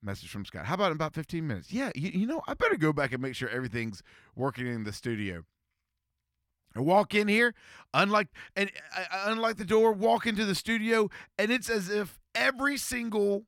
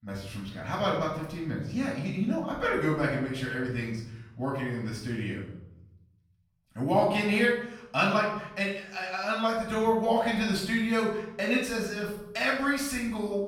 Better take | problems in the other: first | off-mic speech; far // room echo; noticeable; dies away in 0.7 s

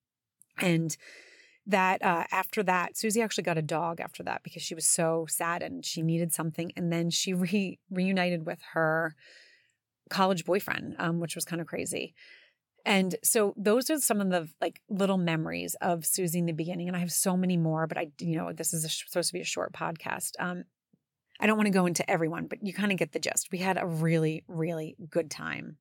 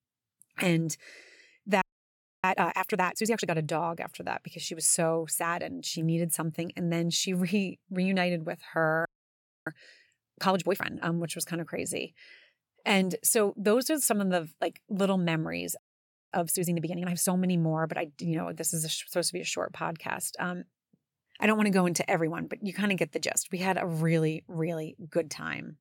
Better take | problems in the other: first | audio freezing; at 2 s for 0.5 s, at 9 s for 0.5 s and at 16 s for 0.5 s

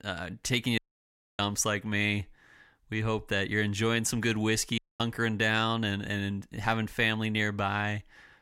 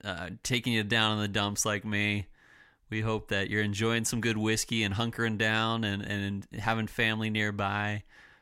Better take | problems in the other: second | audio cutting out; at 1 s for 0.5 s and at 5 s

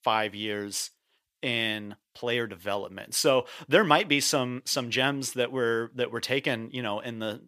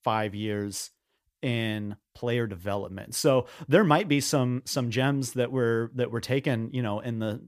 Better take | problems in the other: second | thin; very slightly; fading below 900 Hz

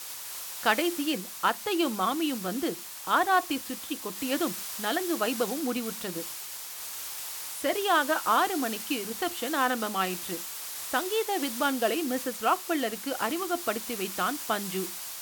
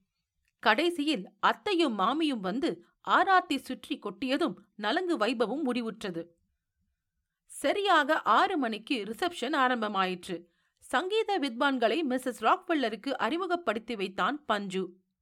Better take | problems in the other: second | hiss; loud; throughout; 6 dB below the speech

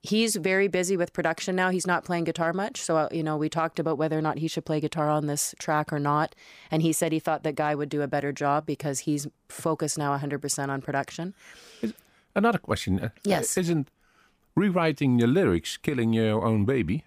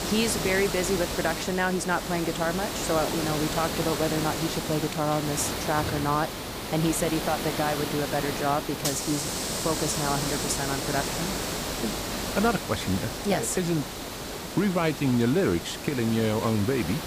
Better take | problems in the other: first | hiss; loud; throughout; 3 dB below the speech

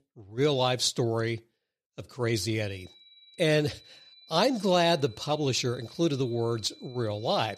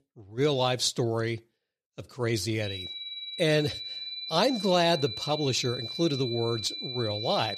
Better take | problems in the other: first | high-pitched whine; loud; from 2.5 s on; 4 kHz, 7 dB below the speech; faint in the first

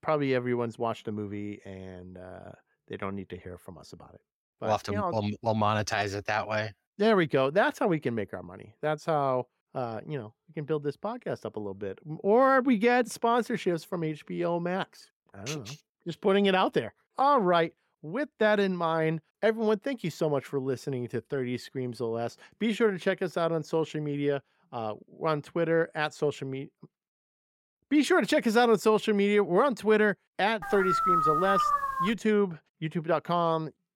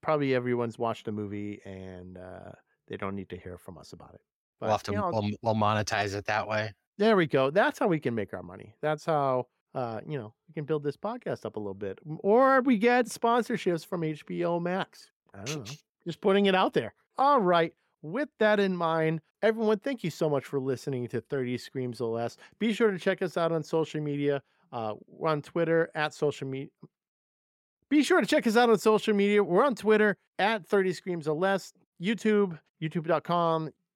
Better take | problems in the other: second | dog barking; loud; from 31 to 32 s; peak 4 dB above the speech

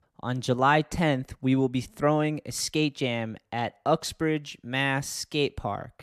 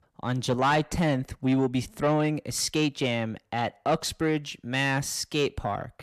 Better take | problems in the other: first | distortion; slight; 10 dB below the speech

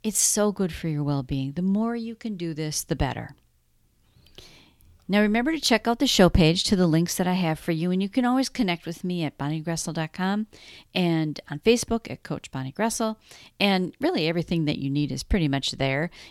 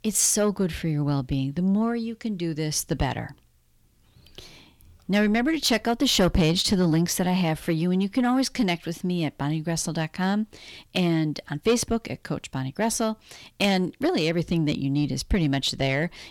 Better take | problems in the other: first | distortion; slight; 10 dB below the speech

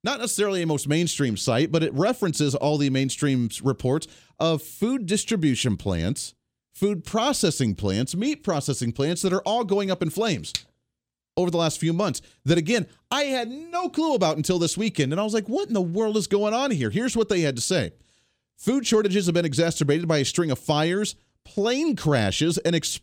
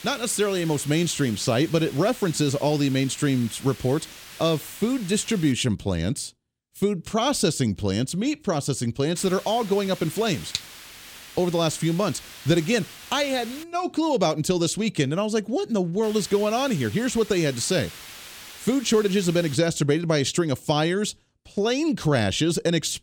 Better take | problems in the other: first | hiss; noticeable; until 5.5 s, from 9 to 14 s and from 16 to 20 s; 15 dB below the speech

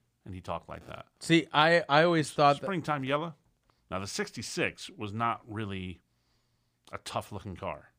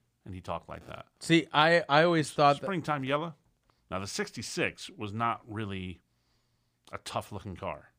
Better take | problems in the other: neither | none

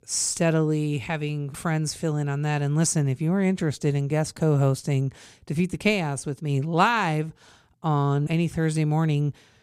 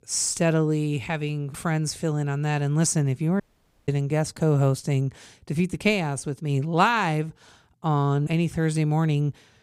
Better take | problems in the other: first | audio cutting out; at 3.5 s

